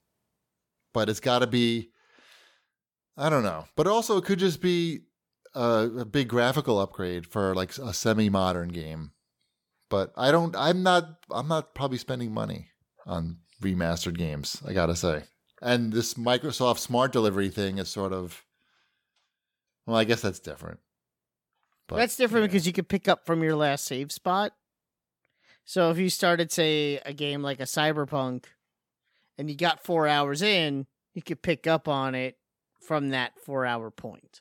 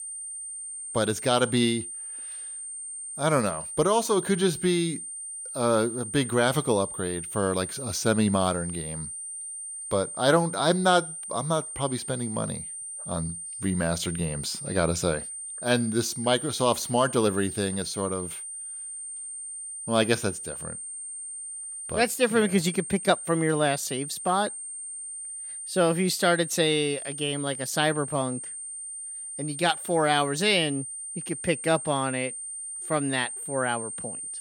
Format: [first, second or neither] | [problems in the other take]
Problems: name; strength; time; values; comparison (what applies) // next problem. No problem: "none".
first | high-pitched whine; loud; throughout; 9 kHz, 8 dB below the speech